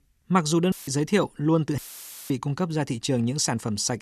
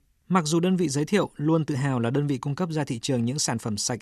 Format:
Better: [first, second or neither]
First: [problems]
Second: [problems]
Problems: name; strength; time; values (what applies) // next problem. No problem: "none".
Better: second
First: audio cutting out; filled with static; at 0.5 s and at 2 s for 0.5 s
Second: none